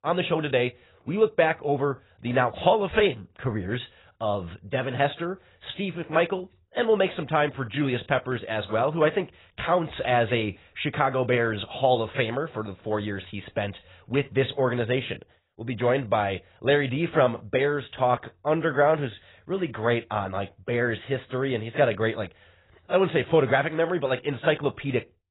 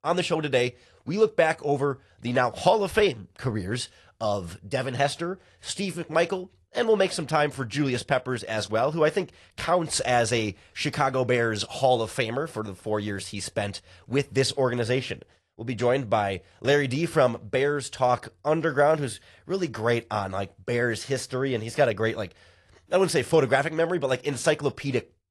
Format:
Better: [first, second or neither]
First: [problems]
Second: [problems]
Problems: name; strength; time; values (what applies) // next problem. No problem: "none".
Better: second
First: garbled, watery; badly; nothing above 4 kHz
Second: garbled, watery; slightly